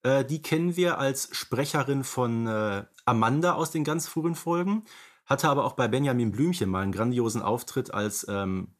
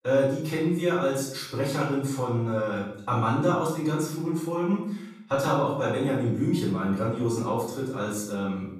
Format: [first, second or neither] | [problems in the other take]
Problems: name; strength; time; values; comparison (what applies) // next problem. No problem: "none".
first | off-mic speech; far // room echo; noticeable; dies away in 0.7 s